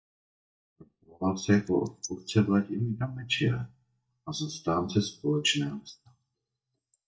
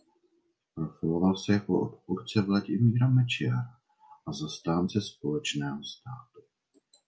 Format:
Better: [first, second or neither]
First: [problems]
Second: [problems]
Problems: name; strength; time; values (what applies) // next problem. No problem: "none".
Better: second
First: noise reduction (neural mask model DeepFilterNet 3)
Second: none